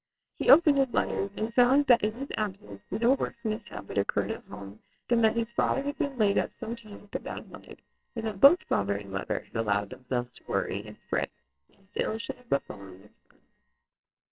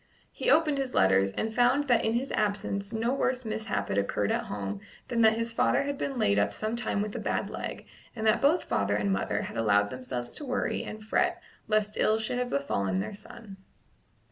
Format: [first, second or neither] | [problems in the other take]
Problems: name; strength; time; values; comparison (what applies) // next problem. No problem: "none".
second | noise reduction (neural separator model SepFormer WHAMR!)